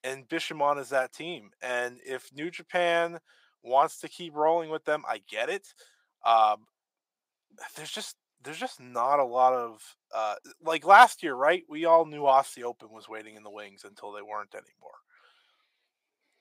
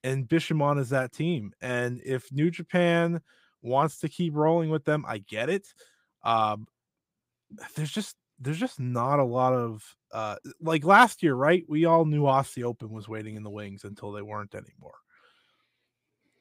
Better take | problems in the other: second | thin; very; fading below 550 Hz

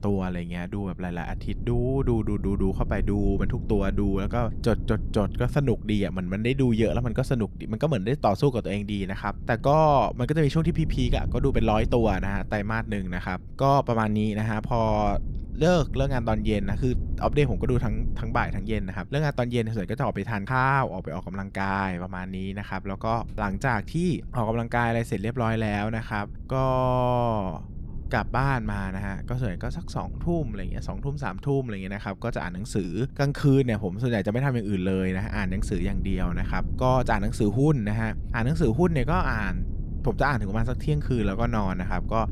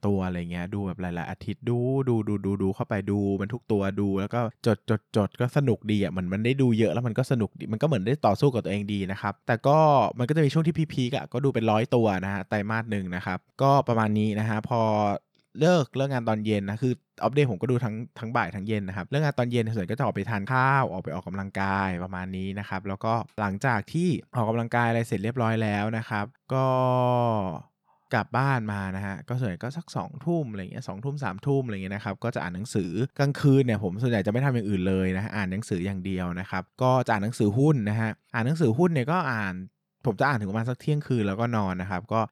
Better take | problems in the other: second | low rumble; faint; throughout; 20 dB below the speech

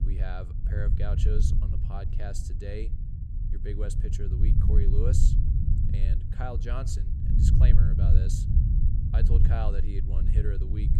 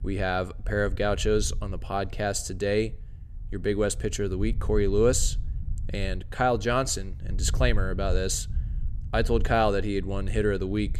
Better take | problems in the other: second | low rumble; loud; throughout; 1 dB below the speech; faint in the second

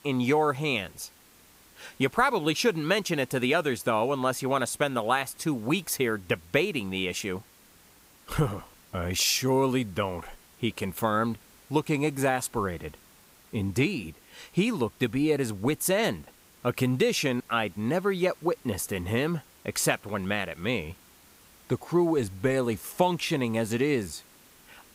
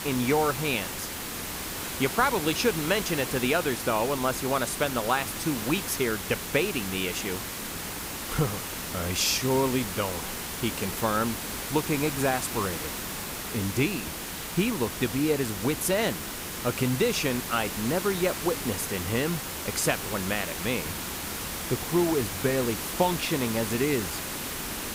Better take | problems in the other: first | hiss; loud; throughout; 5 dB below the speech; faint in the first

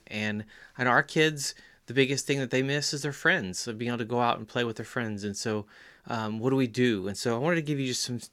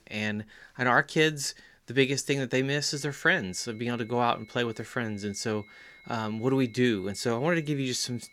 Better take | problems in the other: first | high-pitched whine; faint; from 3 s on; 2 kHz, 25 dB below the speech

